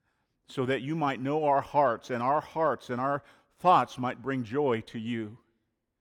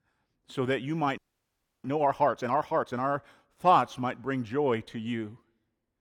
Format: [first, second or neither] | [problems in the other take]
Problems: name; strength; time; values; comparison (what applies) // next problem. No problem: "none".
first | audio freezing; at 1 s for 0.5 s